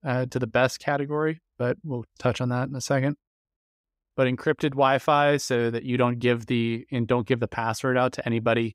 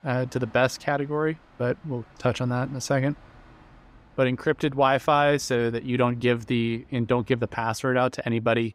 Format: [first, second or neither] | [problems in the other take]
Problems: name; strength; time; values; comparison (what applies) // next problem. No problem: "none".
first | train or aircraft noise; faint; throughout; 30 dB below the speech